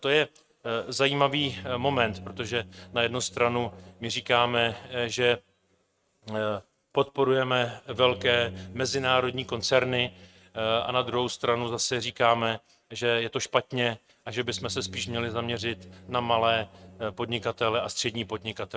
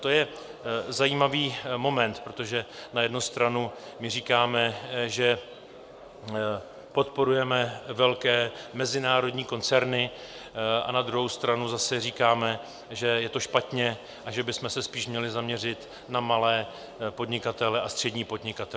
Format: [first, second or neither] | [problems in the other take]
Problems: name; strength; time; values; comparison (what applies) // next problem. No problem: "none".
second | noise reduction (neural mask model RNNoise)